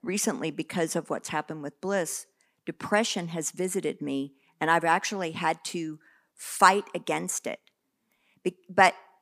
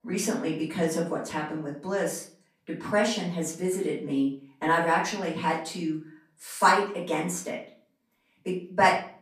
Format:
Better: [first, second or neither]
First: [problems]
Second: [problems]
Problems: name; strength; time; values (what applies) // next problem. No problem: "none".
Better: first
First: none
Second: off-mic speech; far // room echo; slight; dies away in 0.4 s